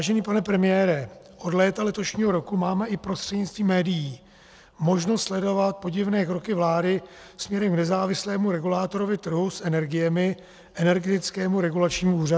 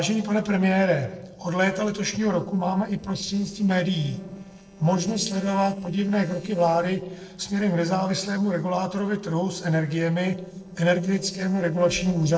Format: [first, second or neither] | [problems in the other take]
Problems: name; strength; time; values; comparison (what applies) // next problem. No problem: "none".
first | noise reduction (neural separator model SepFormer DNS4)